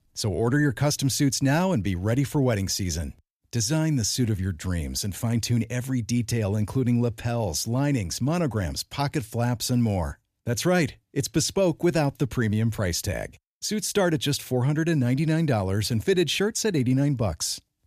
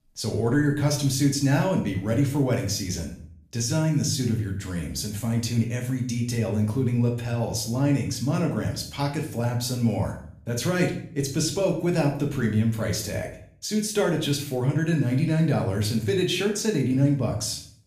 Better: first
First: none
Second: room echo; slight; dies away in 0.5 s // off-mic speech; somewhat distant

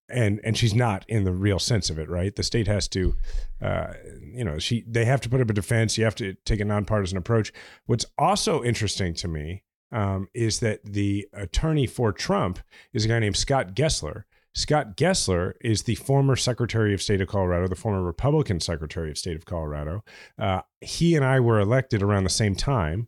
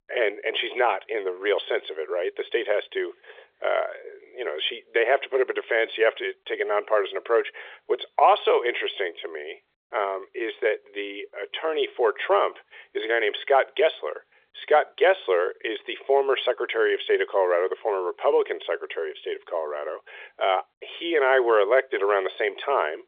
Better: first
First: none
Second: phone-call audio; nothing above 3.5 kHz

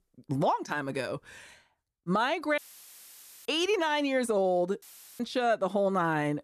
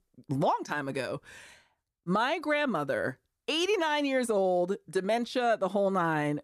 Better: second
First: audio cutting out; filled with static; at 2.5 s for 1 s and at 5 s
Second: none

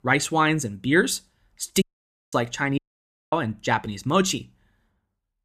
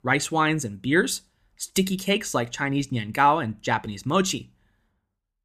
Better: second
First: audio cutting out; at 2 s and at 3 s for 0.5 s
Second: none

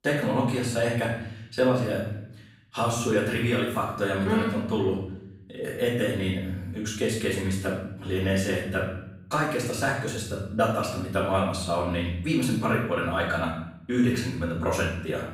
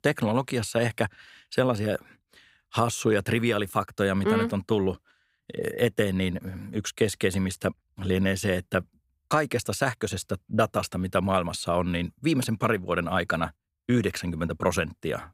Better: second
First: off-mic speech; far // room echo; noticeable; dies away in 0.7 s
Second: none

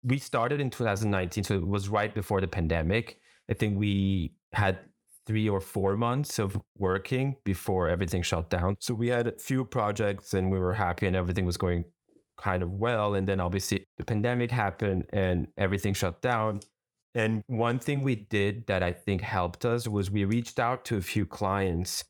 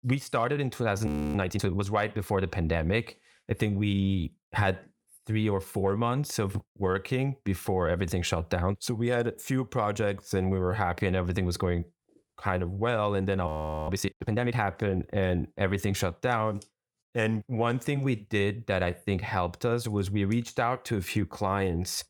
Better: first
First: none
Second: audio freezing; at 1 s and at 13 s

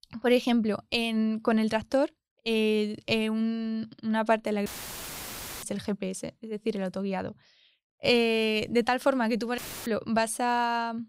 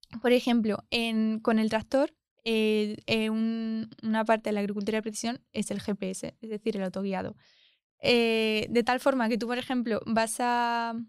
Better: second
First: audio cutting out; filled with static; at 4.5 s for 1 s and at 9.5 s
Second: none

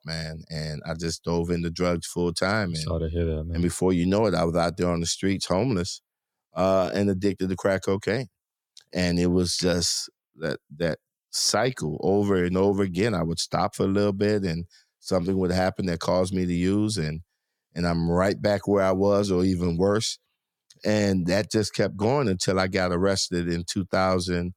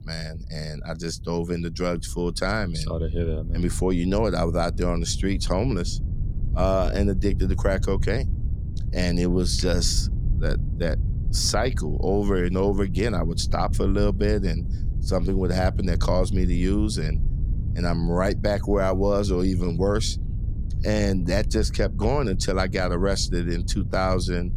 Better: first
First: none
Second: low rumble; noticeable; throughout; 15 dB below the speech

